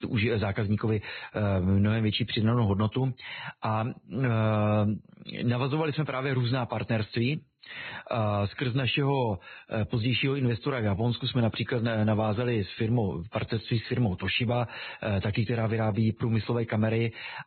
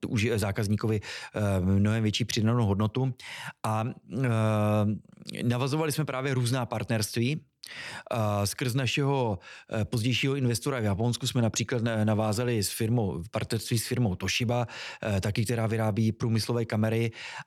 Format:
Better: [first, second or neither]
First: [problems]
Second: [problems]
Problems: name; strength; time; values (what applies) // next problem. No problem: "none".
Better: second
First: garbled, watery; badly; nothing above 4 kHz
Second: none